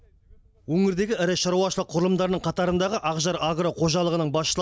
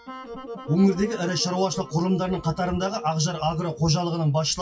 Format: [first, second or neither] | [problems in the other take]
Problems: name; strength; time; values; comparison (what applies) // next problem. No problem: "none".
first | noise reduction (classical method WPE with log-MMSE)